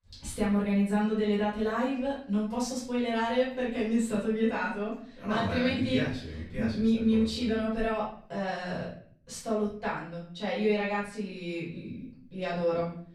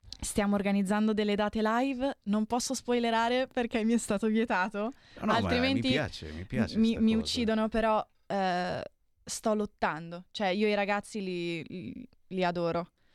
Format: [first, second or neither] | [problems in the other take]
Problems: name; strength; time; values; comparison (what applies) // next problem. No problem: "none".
second | off-mic speech; far // room echo; noticeable; dies away in 0.6 s